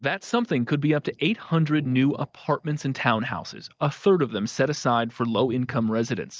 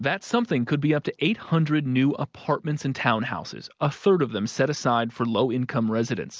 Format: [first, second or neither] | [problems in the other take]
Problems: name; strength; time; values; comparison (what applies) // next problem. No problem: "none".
second | noise reduction (neural mask model DeepFilterNet 3)